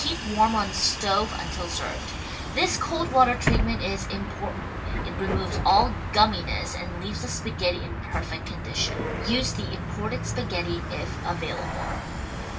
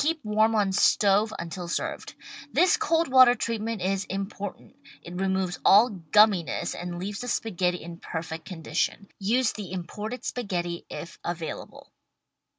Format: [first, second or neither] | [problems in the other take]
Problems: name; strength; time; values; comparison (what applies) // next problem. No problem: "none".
second | background sound (Bus); 2 dB below the speech // room echo; dies away in 0.2 s